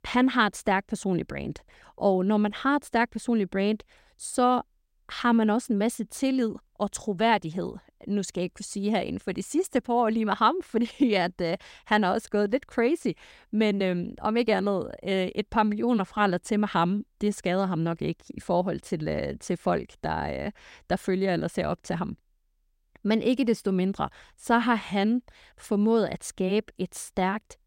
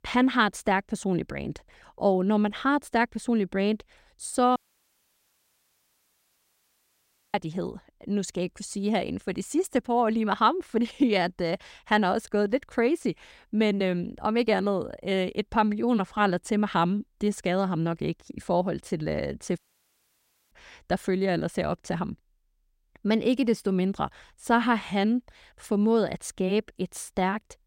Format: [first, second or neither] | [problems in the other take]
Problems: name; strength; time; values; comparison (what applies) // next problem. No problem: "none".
first | audio cutting out; at 4.5 s for 3 s and at 20 s for 1 s